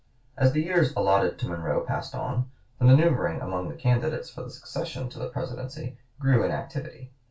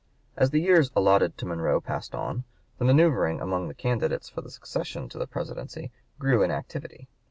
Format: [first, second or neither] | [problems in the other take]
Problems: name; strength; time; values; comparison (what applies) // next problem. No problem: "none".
second | room echo; dies away in 0.3 s